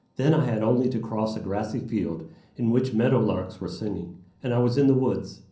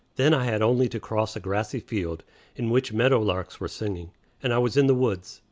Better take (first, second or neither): second